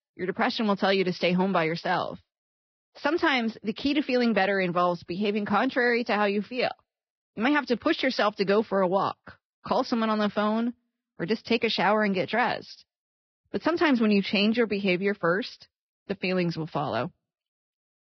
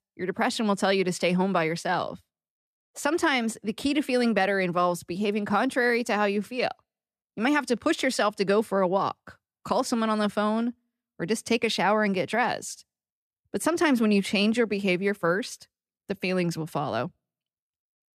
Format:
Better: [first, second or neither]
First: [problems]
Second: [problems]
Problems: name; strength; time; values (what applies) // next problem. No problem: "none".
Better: second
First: garbled, watery; badly; nothing above 5.5 kHz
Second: none